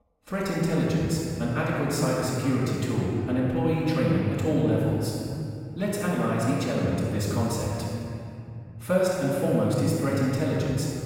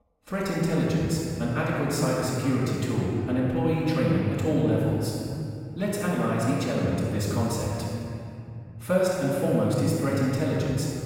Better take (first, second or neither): neither